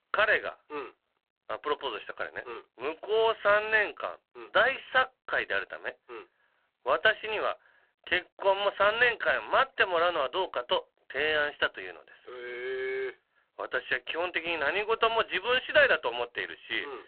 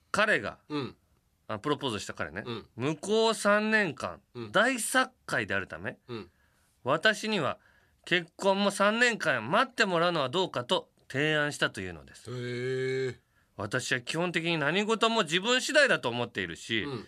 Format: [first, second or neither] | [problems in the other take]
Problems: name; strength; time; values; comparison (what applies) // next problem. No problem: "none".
second | phone-call audio; poor line